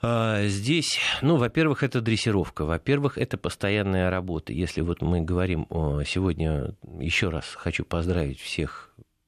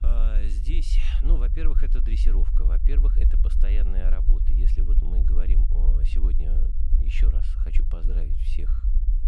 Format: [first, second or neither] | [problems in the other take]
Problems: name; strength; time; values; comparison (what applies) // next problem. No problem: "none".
first | low rumble; loud; throughout; 5 dB below the speech